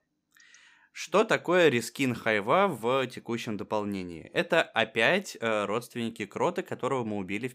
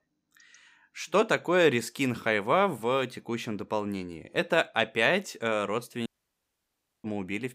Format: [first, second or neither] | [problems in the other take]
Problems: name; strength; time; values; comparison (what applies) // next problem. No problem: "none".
first | audio cutting out; at 6 s for 1 s